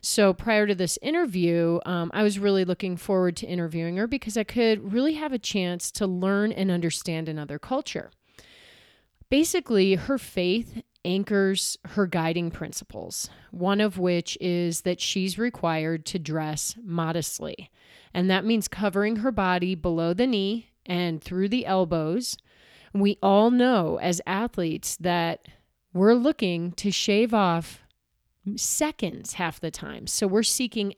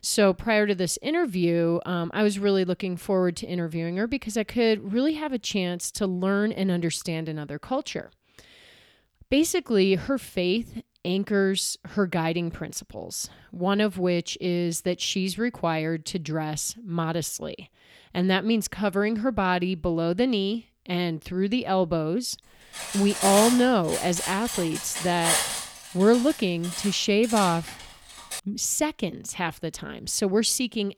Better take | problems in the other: first | clattering dishes; loud; from 23 to 28 s; peak 3 dB above the speech

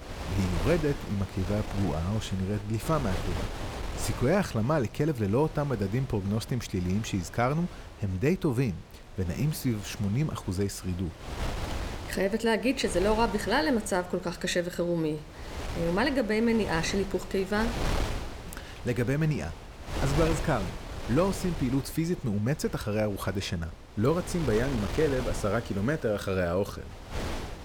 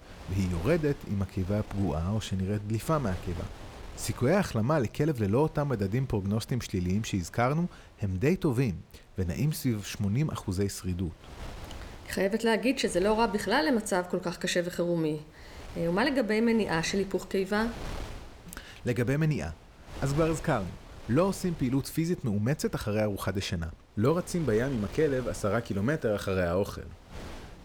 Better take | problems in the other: second | wind noise on the microphone; heavy; 10 dB below the speech; occasional gusts in the second

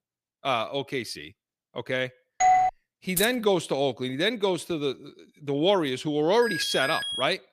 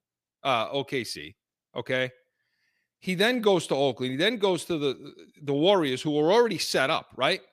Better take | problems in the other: second | doorbell; loud; at 2.5 s; peak 6 dB above the speech // jangling keys; noticeable; at 3 s; peak 4 dB below the speech // alarm; noticeable; at 6.5 s; peak 2 dB below the speech

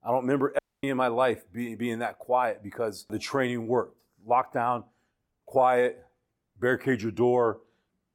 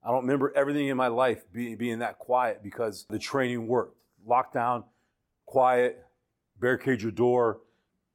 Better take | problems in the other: second | audio cutting out; at 0.5 s

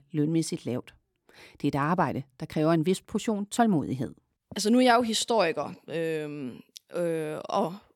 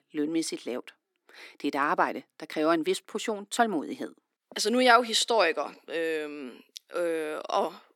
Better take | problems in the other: first | thin; somewhat; fading below 300 Hz

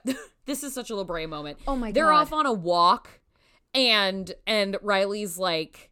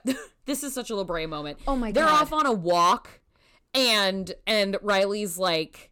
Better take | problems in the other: first | distortion; slight; 4% of the sound clipped

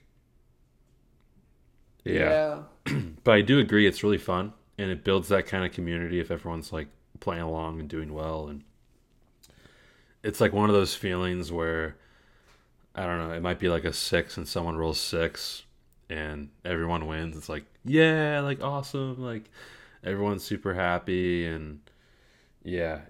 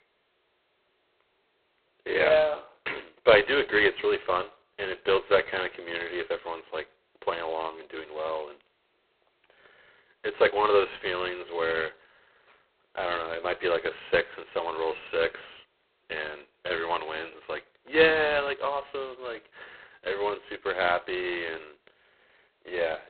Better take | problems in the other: first | phone-call audio; poor line; nothing above 4 kHz

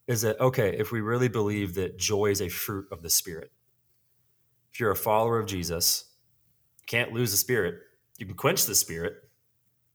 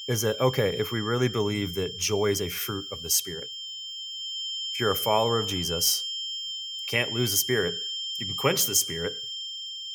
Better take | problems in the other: first | high-pitched whine; loud; throughout; 3 kHz, 5 dB below the speech

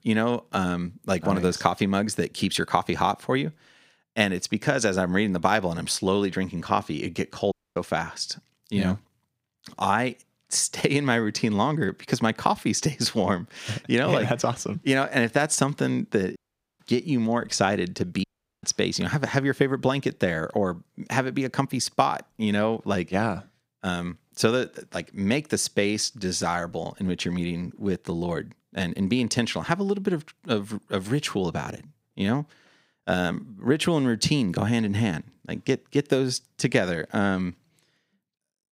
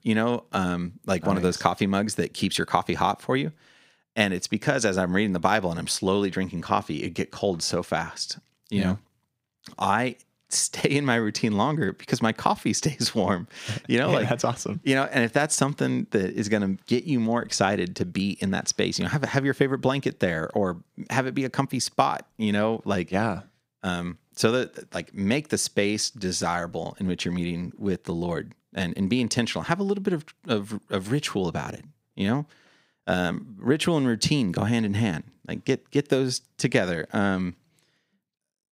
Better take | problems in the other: second | audio cutting out; at 7.5 s, at 16 s and at 18 s

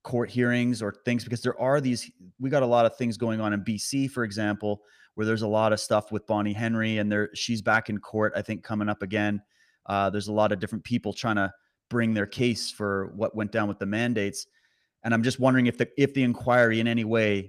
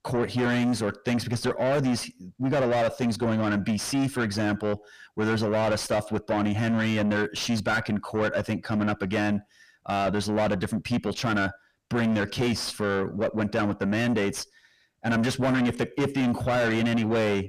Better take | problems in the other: first | distortion; heavy; 6 dB below the speech

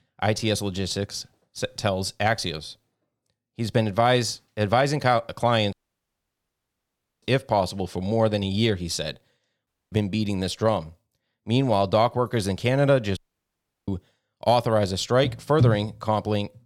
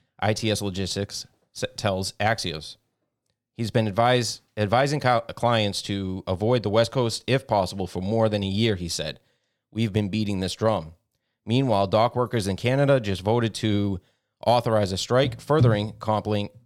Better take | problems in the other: second | audio cutting out; at 5.5 s for 1.5 s, at 9.5 s and at 13 s for 0.5 s

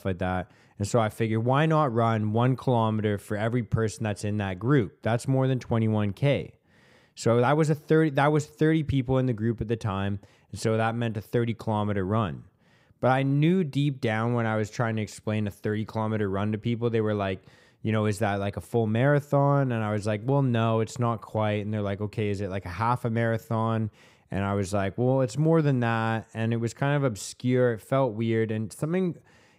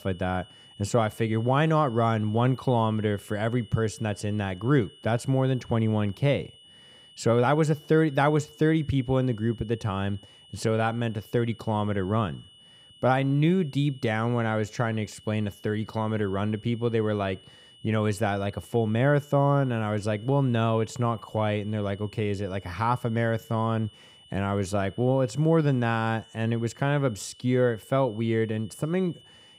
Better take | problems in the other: first | high-pitched whine; faint; throughout; 3 kHz, 25 dB below the speech

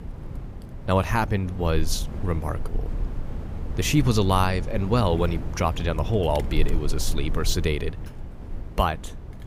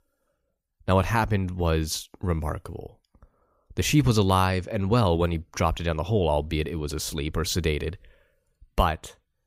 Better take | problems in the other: second | wind noise on the microphone; occasional gusts; 15 dB below the speech

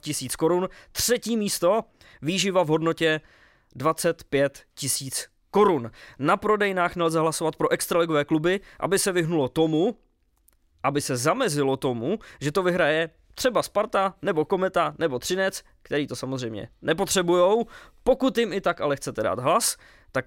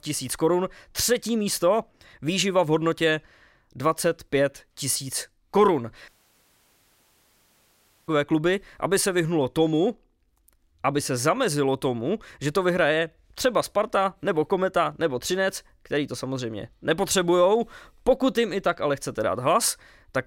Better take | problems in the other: first | audio cutting out; at 6 s for 2 s

